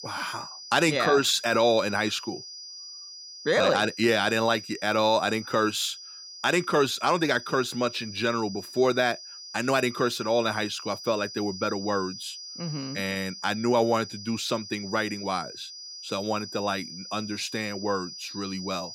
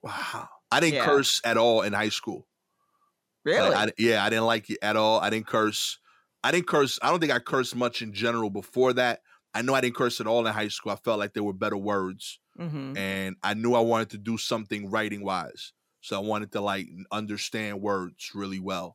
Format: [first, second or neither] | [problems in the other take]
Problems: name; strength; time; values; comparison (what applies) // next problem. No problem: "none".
second | high-pitched whine; noticeable; throughout; 5 kHz, 10 dB below the speech